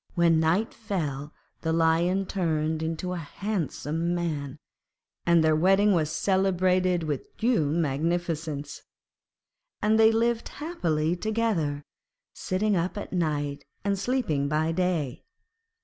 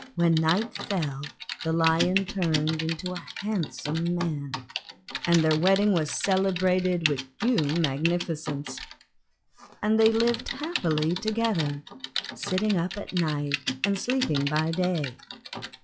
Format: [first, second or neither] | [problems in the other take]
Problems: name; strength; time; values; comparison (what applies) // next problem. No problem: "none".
first | noise reduction (classical method log-MMSE)